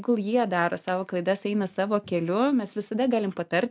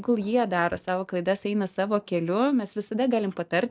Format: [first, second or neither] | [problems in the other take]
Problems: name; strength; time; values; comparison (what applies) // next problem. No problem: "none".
first | noise reduction (neural mask model DeepFilterNet 3)